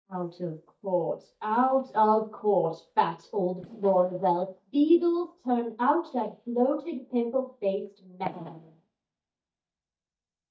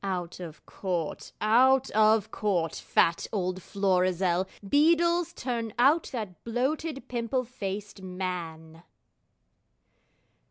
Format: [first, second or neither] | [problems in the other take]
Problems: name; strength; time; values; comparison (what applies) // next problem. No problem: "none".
second | noise reduction (neural mask model DeepFilterNet 3)